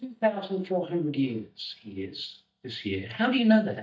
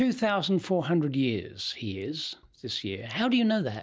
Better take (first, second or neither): second